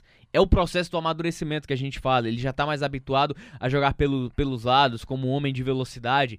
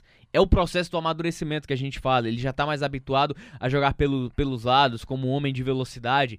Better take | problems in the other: neither | none

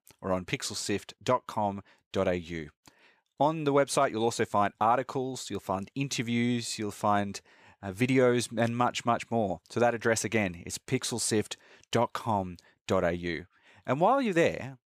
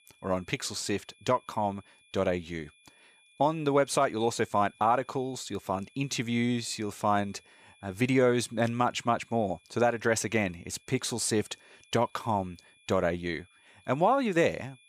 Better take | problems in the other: first | high-pitched whine; faint; throughout; 2.5 kHz, 30 dB below the speech

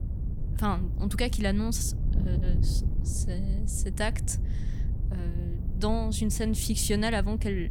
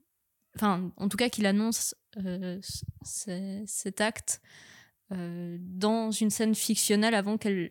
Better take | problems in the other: second | wind noise on the microphone; occasional gusts; 15 dB below the speech

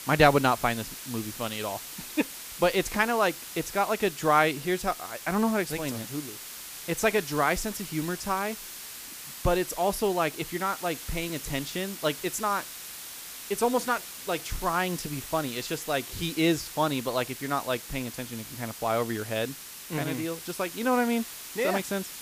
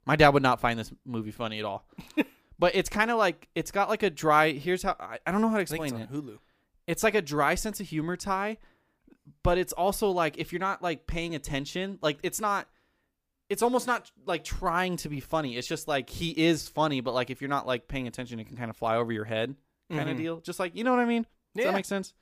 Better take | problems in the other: second | hiss; loud; throughout; 10 dB below the speech

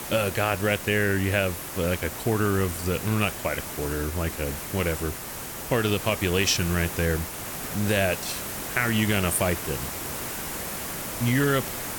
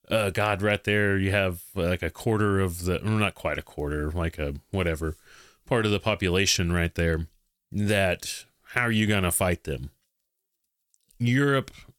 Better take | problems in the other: second | hiss; loud; throughout; 6 dB below the speech

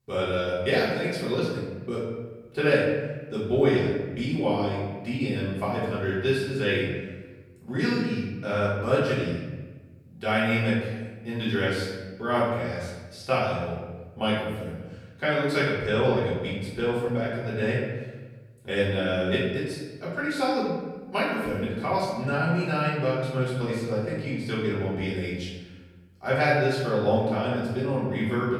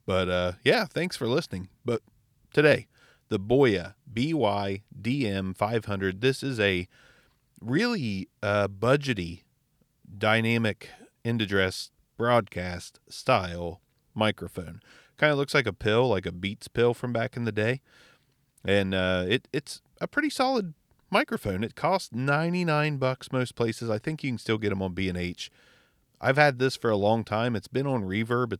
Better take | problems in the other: second | off-mic speech; far // room echo; noticeable; dies away in 1.2 s

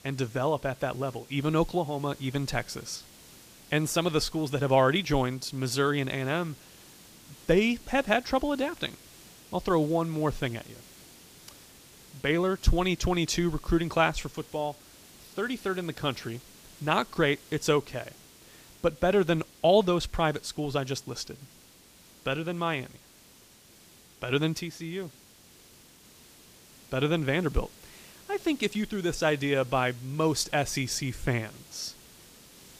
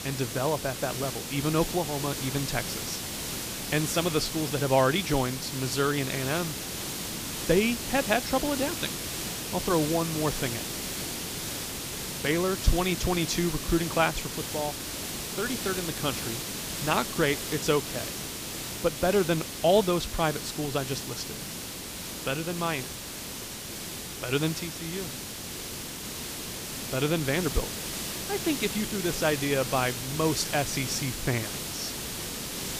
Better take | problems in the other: first | hiss; loud; throughout; 4 dB below the speech; faint in the first

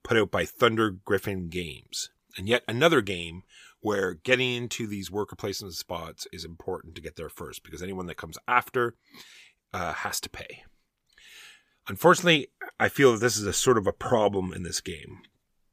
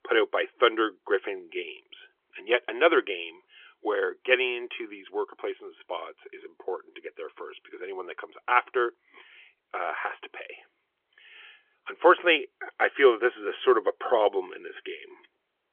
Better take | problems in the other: first | phone-call audio; nothing above 3.5 kHz

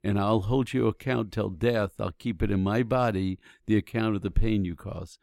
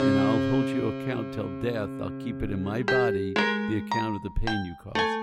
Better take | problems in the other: first | background music; very loud; throughout; 3 dB above the speech

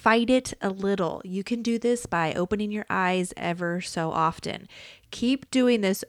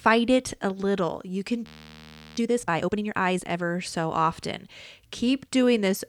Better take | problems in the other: first | audio freezing; at 1.5 s for 0.5 s

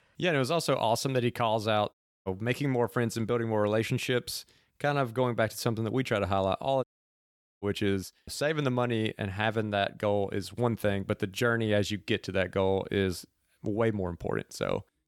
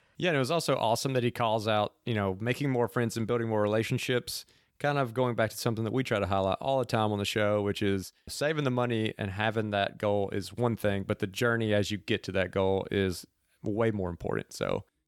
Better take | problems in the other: second | audio cutting out; at 2 s and at 7 s for 1 s

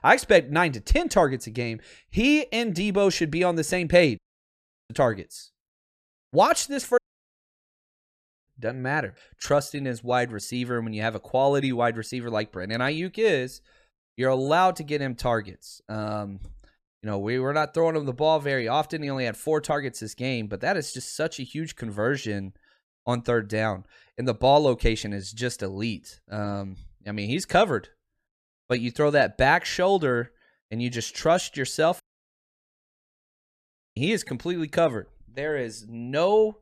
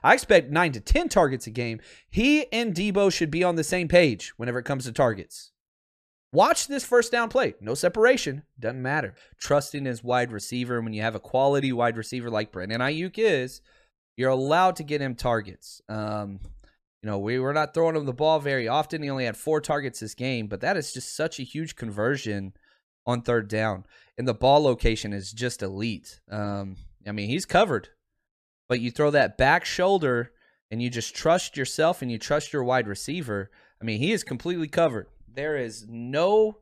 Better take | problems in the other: second | audio cutting out; at 4 s for 0.5 s, at 7 s for 1.5 s and at 32 s for 2 s

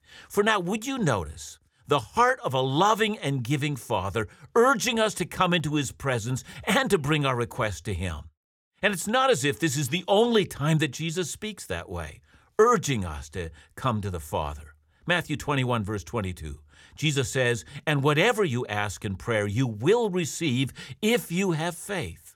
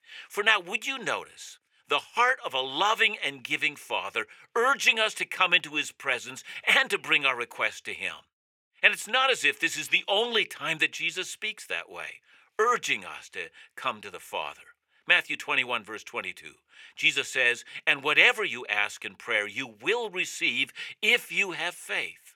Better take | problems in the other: first | thin; very; fading below 400 Hz

